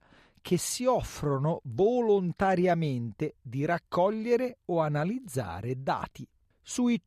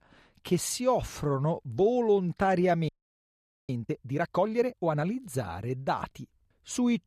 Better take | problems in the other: first | audio freezing; at 3 s for 1 s

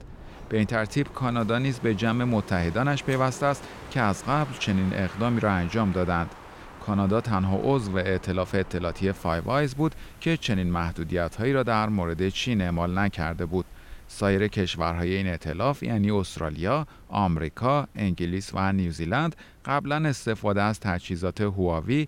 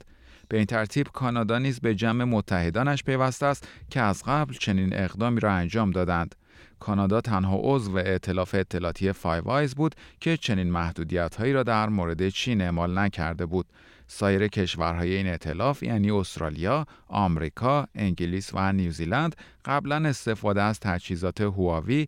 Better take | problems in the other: second | wind in the background; noticeable; throughout; 20 dB below the speech

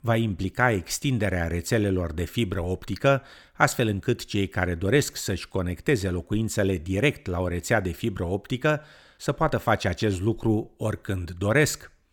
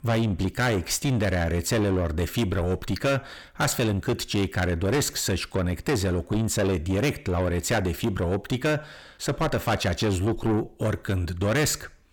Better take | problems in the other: first | distortion; heavy; 7 dB below the speech

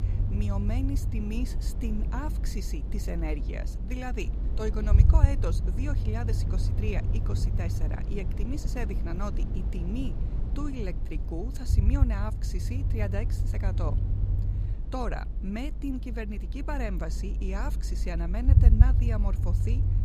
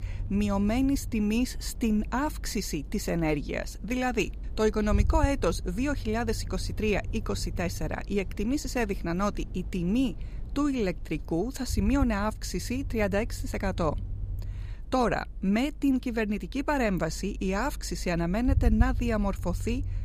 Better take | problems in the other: second | low rumble; loud; throughout; 6 dB below the speech; faint in the second

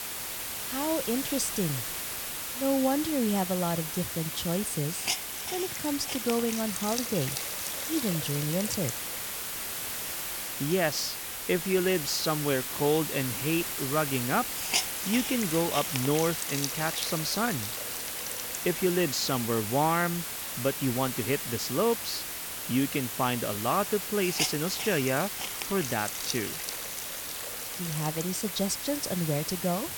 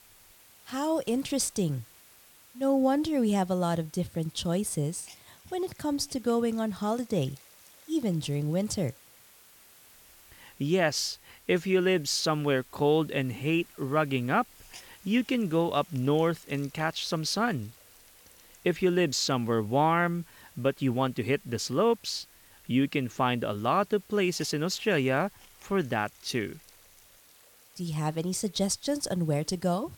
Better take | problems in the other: second | hiss; loud; throughout; 2 dB below the speech; faint in the second

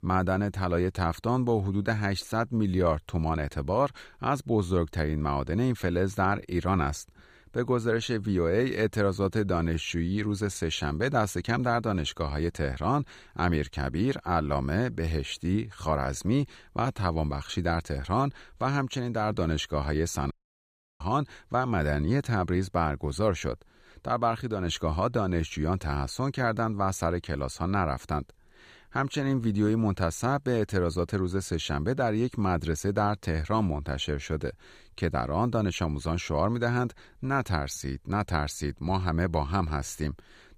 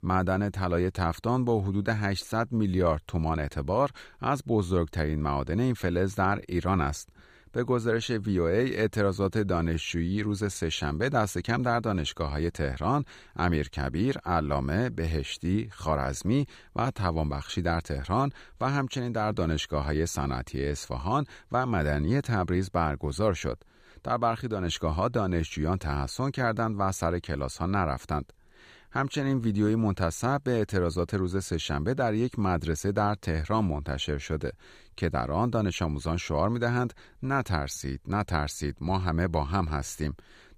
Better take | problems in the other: second | audio cutting out; at 20 s for 0.5 s

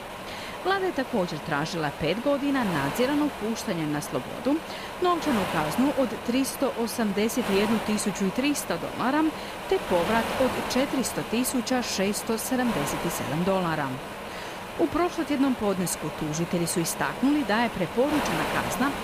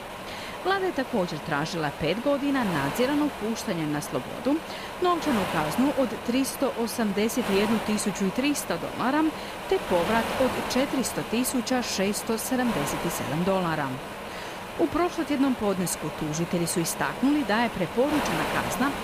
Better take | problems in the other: neither | wind noise on the microphone; heavy; 4 dB below the speech; the same in both

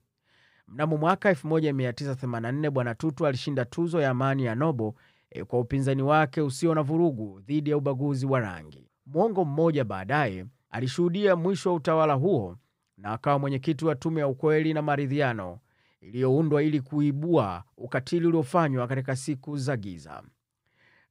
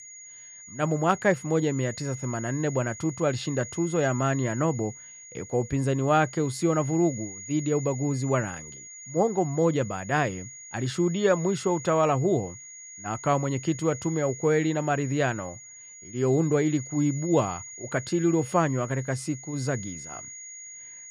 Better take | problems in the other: first | high-pitched whine; noticeable; throughout; 6.5 kHz, 15 dB below the speech

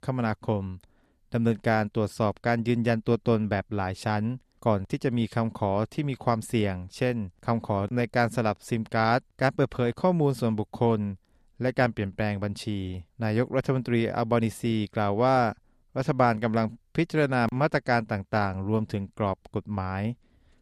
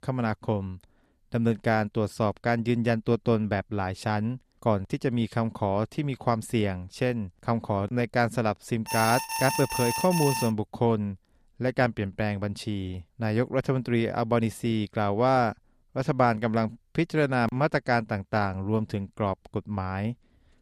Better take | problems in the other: first | alarm; noticeable; from 9 to 11 s; peak 2 dB below the speech

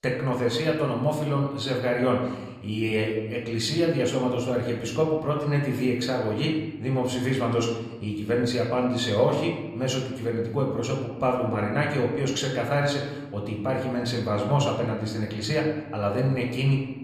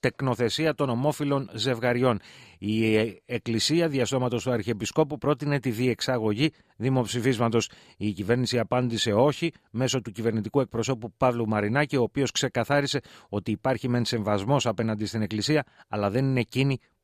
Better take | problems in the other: second | room echo; slight; dies away in 1 s // off-mic speech; somewhat distant

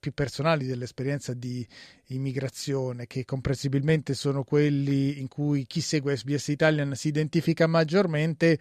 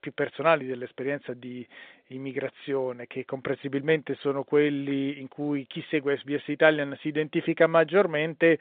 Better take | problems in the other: first | phone-call audio; nothing above 3.5 kHz

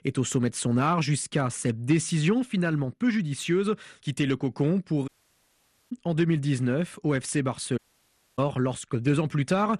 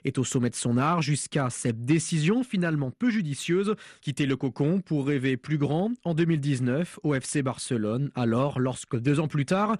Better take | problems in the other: second | audio cutting out; at 5 s for 1 s and at 8 s for 0.5 s

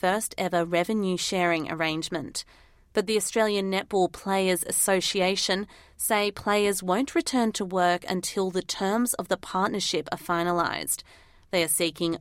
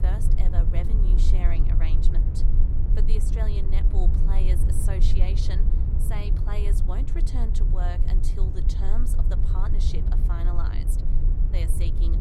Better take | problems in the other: first | low rumble; loud; throughout; 2 dB below the speech

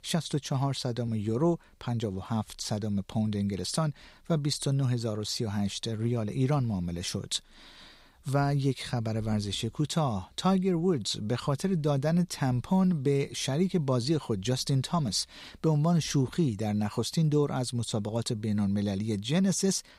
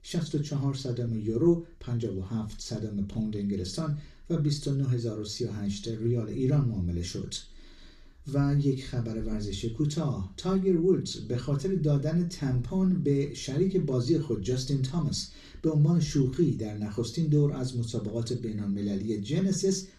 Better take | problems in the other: first | room echo; very slight; dies away in 0.3 s // off-mic speech; far

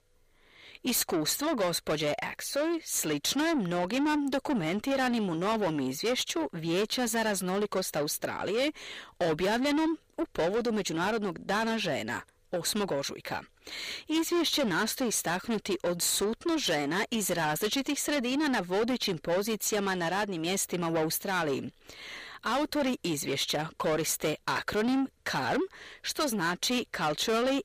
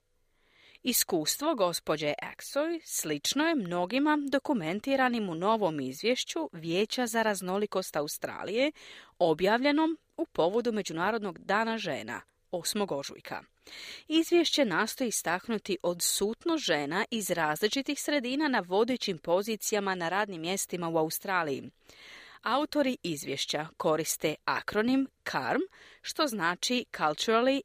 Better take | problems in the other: second | distortion; heavy; 8 dB below the speech

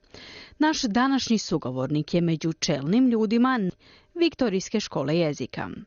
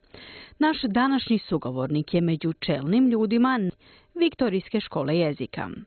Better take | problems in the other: first | garbled, watery; badly; nothing above 4 kHz; slightly in the first

